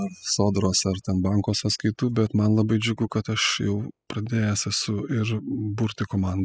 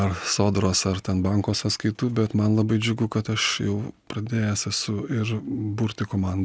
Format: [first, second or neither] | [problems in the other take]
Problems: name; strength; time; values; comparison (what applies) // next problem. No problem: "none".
second | noise reduction (classical method spectral subtraction)